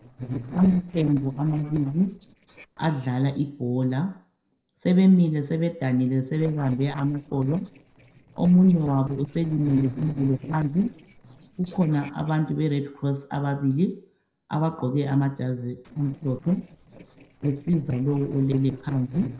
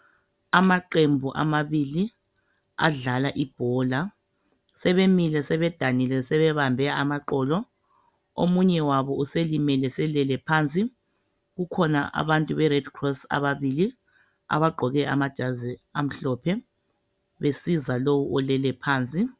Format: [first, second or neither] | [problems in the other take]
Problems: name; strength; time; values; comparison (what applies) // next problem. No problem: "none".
second | noise reduction (neural separator model SepFormer DNS4)